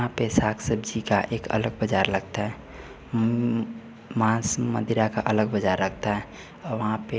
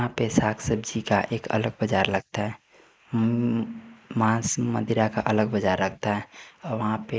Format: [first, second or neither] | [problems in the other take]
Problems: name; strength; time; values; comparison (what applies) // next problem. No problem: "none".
first | noise reduction (neural mask model Resemble Enhance denoiser)